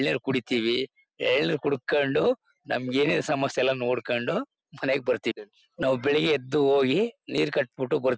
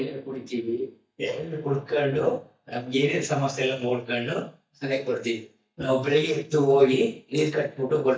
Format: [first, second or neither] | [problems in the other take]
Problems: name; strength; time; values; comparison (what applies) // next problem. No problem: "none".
first | noise reduction (neural mask model DeepFilterNet 3)